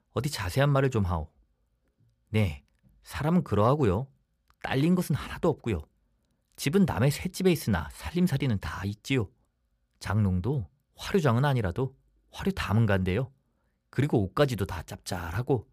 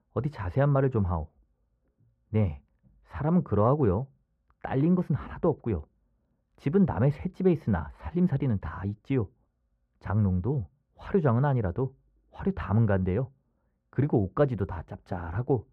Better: first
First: none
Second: muffled; very; fading above 3 kHz

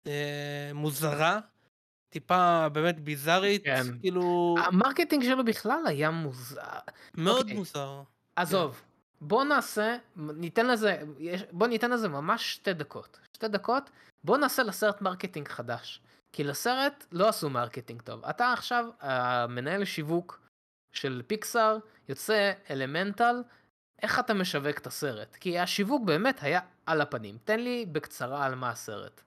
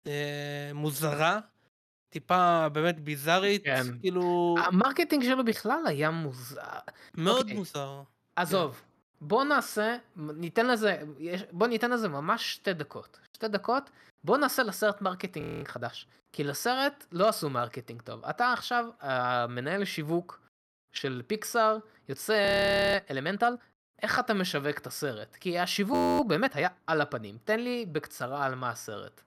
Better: first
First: none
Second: audio freezing; at 15 s, at 22 s and at 26 s

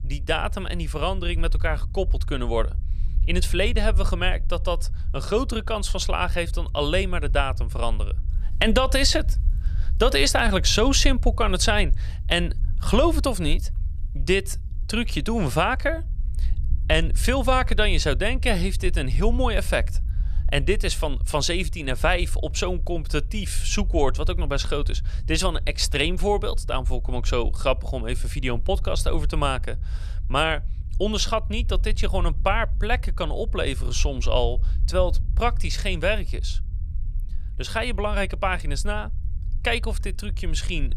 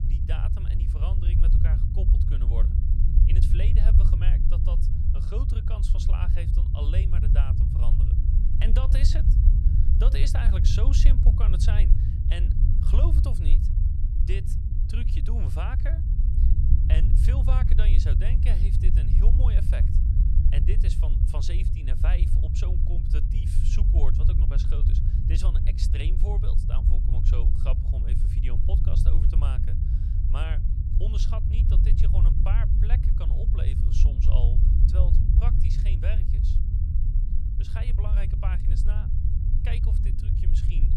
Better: first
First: low rumble; faint; throughout; 25 dB below the speech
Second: low rumble; loud; throughout; 1 dB below the speech

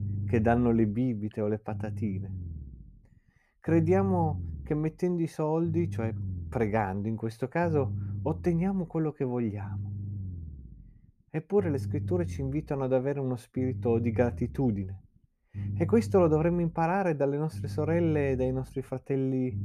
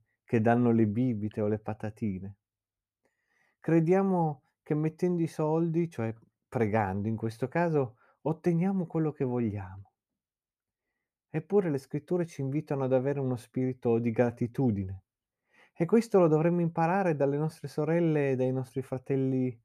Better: second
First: low rumble; noticeable; throughout; 20 dB below the speech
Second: none

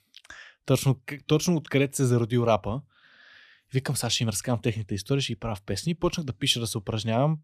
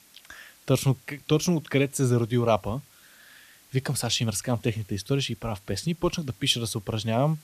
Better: first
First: none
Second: hiss; faint; throughout; 25 dB below the speech

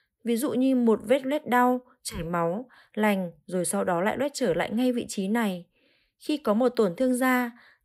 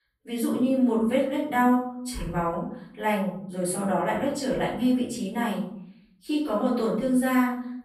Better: first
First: none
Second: off-mic speech; far // room echo; noticeable; dies away in 0.6 s

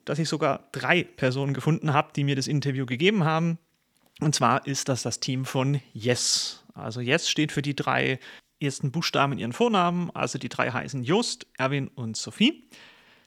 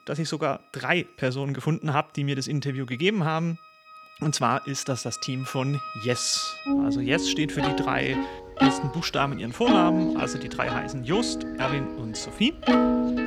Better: first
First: none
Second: background music; loud; throughout; as loud as the speech

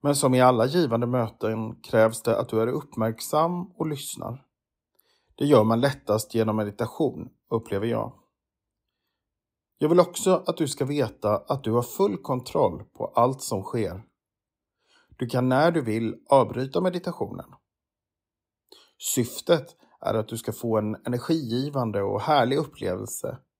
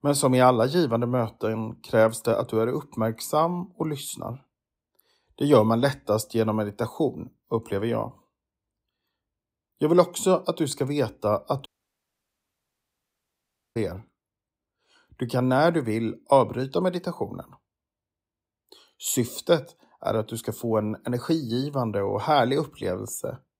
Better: first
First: none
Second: audio cutting out; at 12 s for 2 s

